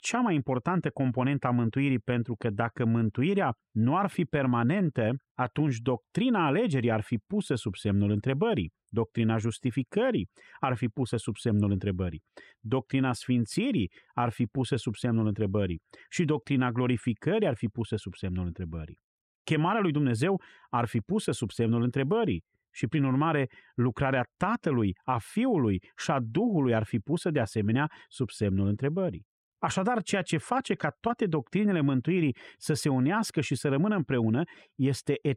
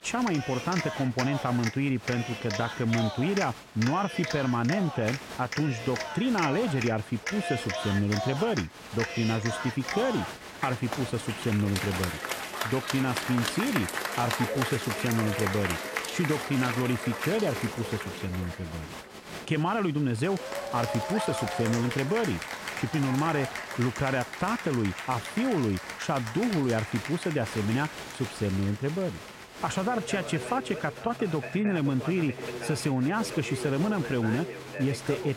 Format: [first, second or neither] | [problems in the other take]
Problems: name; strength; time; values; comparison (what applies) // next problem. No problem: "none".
first | crowd noise; loud; throughout; 5 dB below the speech